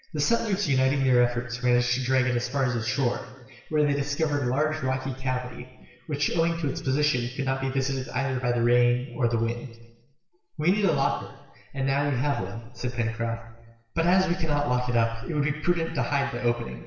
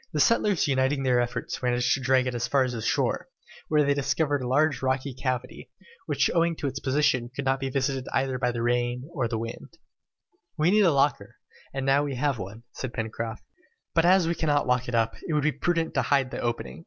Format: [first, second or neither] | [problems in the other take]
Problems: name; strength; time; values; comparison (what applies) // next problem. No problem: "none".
second | room echo; dies away in 1 s